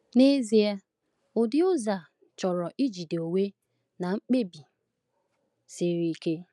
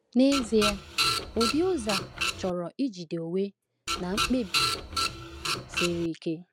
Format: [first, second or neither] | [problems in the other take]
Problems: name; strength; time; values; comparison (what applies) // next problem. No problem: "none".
first | background sound (Printer); 1 dB below the speech